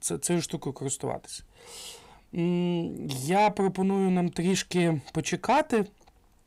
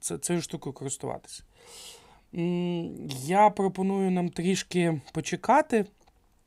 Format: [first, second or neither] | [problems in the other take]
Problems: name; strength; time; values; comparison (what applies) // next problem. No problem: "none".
second | distortion; slight; 10 dB below the speech